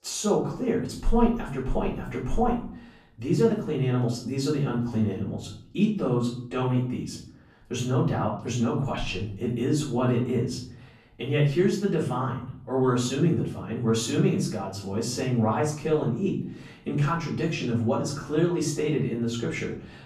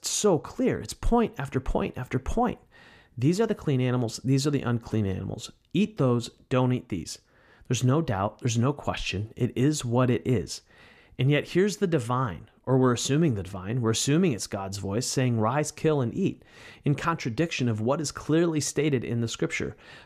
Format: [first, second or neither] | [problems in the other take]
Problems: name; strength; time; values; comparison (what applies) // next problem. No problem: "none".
second | off-mic speech; far // room echo; slight; dies away in 0.5 s